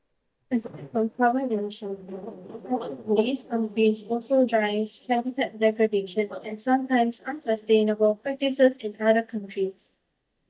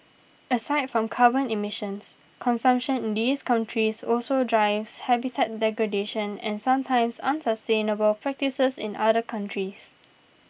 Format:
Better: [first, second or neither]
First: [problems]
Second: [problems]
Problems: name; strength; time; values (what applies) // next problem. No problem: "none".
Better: second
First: noise reduction (neural mask model DeepFilterNet 3)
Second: none